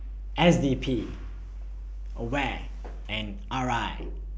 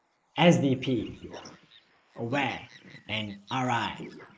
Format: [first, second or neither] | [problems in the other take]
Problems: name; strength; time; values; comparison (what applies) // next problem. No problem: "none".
first | noise reduction (neural mask model Resemble Enhance denoiser)